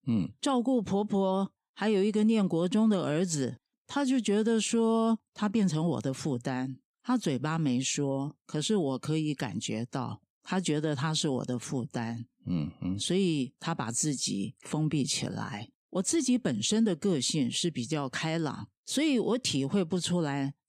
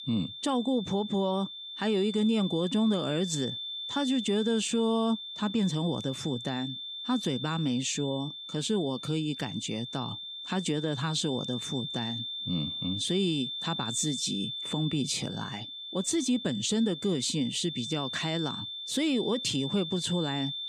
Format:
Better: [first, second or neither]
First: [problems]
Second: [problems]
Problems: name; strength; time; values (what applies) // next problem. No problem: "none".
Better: first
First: none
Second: high-pitched whine; loud; throughout; 3.5 kHz, 6 dB below the speech